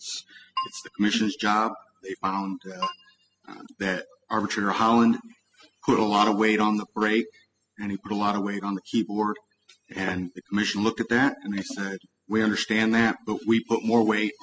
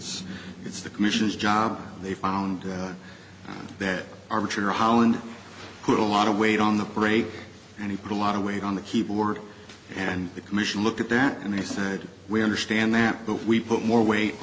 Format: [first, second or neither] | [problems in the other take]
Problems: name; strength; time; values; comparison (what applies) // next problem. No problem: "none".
second | noise reduction (classical method spectral subtraction)